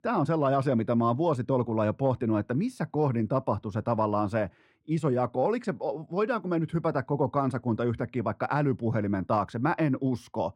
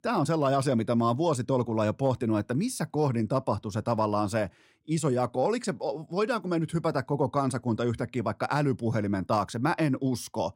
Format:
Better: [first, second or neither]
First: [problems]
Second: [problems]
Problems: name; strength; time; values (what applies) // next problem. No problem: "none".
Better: second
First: muffled; slightly; fading above 4 kHz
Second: none